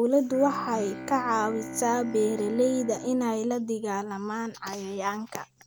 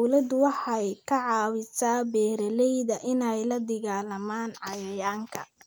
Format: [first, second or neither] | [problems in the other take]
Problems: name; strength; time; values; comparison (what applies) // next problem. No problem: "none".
second | background sound (Bowed string instrument); 14 dB below the speech